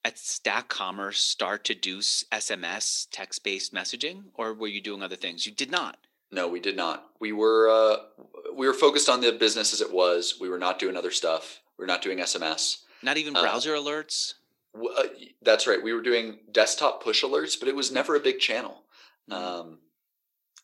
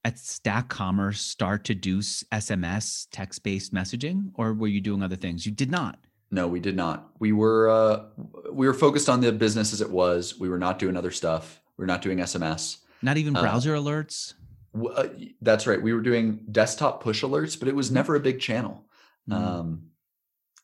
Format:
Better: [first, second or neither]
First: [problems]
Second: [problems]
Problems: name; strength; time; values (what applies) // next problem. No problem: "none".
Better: second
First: thin; somewhat; fading below 350 Hz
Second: none